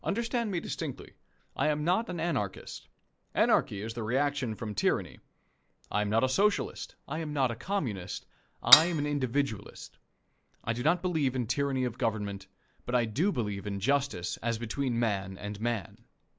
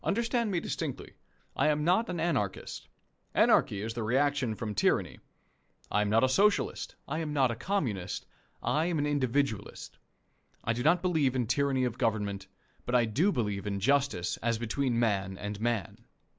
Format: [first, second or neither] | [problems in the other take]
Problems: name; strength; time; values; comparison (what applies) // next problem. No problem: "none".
second | background sound (Cutlery, silverware / Dishes, pots, and pans); 5 dB above the speech